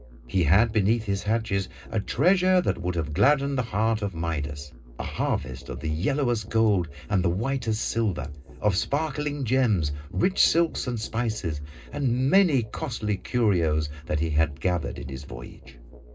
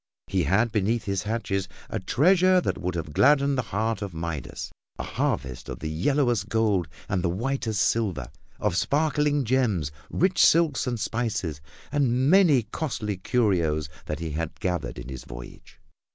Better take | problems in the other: second | background sound (Musical instrument); 19 dB below the speech // room echo; dies away in 0.2 s

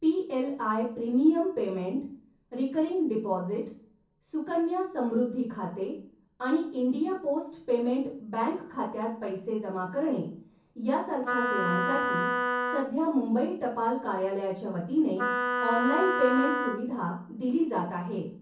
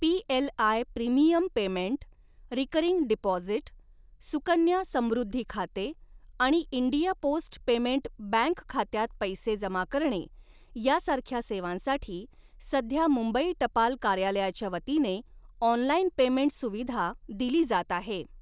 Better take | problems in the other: second | background sound (Wind instrument, woodwind instrument); as loud as the speech // room echo; dies away in 0.6 s

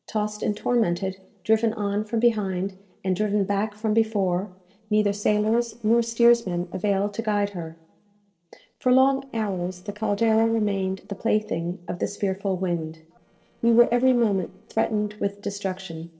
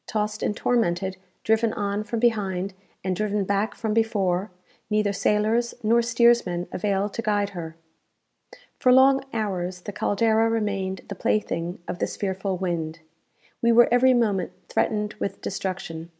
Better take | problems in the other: second | noise reduction (neural separator model SepFormer DNS4)

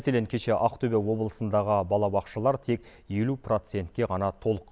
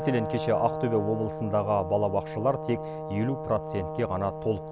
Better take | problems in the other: first | background sound (Brass instrument); 6 dB below the speech

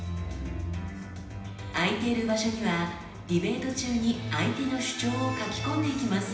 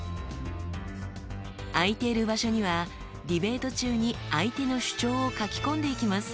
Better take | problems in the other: second | room echo; dies away in 0.9 s

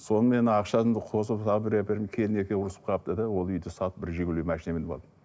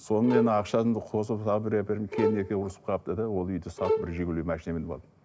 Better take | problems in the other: first | background sound (Bowed string instrument); 4 dB below the speech

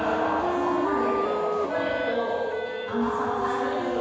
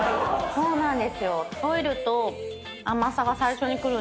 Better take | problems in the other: second | background sound (Wind instrument, woodwind instrument); 2 dB below the speech // room echo; dies away in 1.9 s

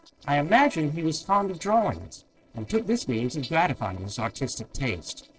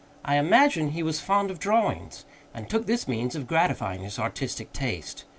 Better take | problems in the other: second | noise reduction (neural separator model SepFormer DNS4)

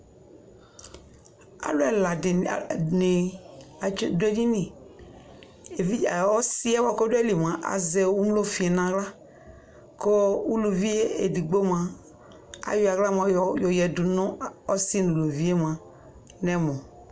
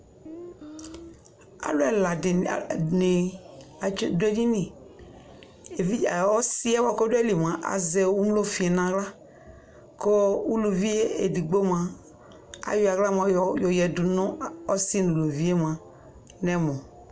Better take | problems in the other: first | background sound (Guitar); 17 dB below the speech

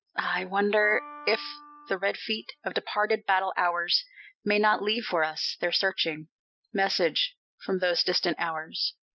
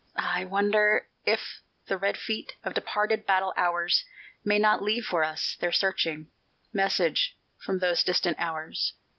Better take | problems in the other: second | noise reduction (classical method spectral subtraction)

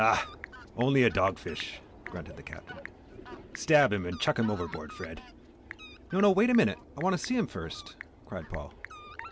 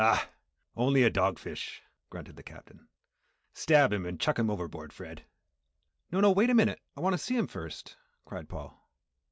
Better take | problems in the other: second | background sound (Telephone / Typing + Fowl); 16 dB below the speech

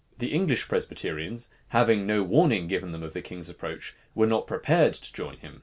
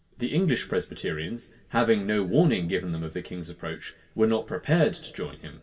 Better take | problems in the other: first | room echo; dies away in 1.5 s

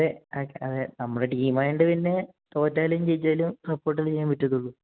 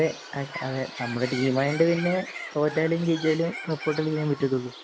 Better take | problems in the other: first | background sound (Bird); 12 dB below the speech

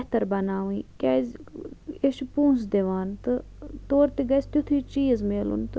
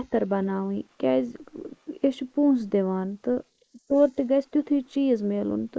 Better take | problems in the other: first | noise reduction (neural mask model Resemble Enhance denoiser)

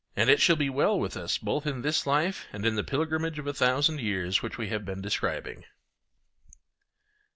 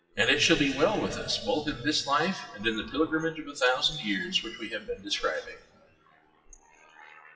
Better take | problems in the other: first | noise reduction (classical method WPE with log-MMSE)

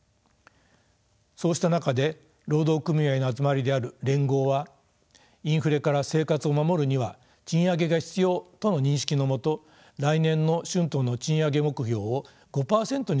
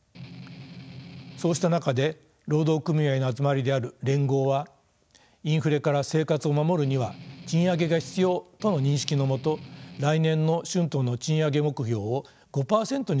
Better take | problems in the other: first | background sound (Strum); 17 dB below the speech

